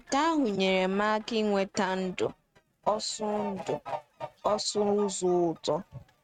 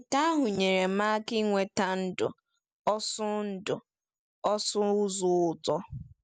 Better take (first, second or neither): second